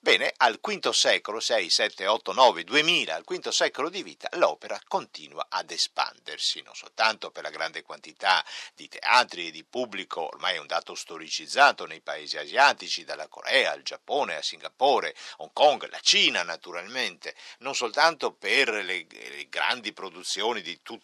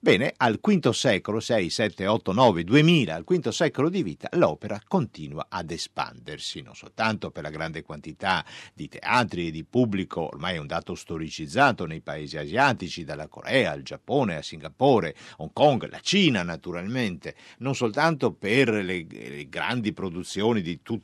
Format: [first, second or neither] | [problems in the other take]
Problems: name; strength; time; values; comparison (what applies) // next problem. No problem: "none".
second | thin; very; fading below 700 Hz